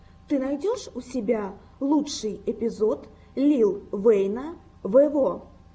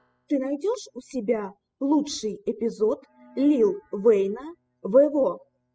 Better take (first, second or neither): first